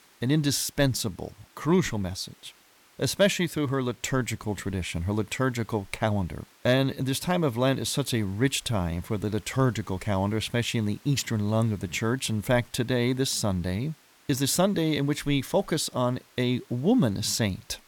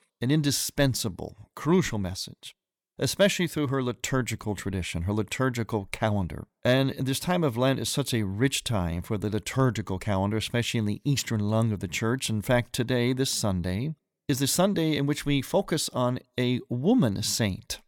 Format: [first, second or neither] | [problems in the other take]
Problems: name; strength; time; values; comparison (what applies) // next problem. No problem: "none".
second | hiss; faint; throughout; 30 dB below the speech